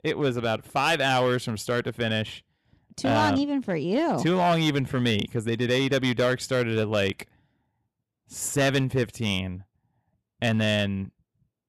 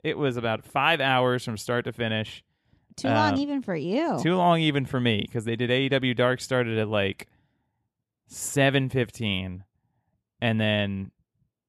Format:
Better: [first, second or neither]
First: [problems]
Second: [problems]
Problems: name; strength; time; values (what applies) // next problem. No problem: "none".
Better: second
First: distortion; slight; 4% of the sound clipped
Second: none